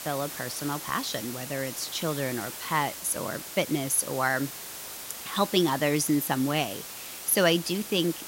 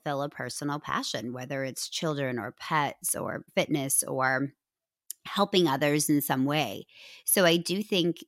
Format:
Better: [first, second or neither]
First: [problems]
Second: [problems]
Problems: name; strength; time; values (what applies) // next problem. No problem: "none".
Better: second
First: hiss; loud; throughout; 9 dB below the speech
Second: none